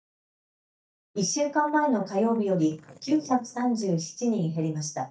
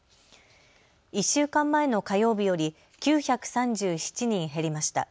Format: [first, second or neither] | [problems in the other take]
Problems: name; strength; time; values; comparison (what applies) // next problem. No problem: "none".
second | noise reduction (neural mask model DeepFilterNet 3)